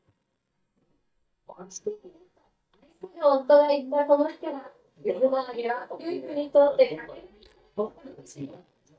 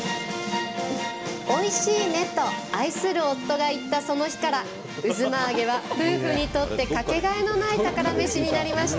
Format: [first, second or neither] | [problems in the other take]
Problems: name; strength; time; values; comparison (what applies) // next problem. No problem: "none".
second | noise reduction (neural mask model DeepFilterNet 3)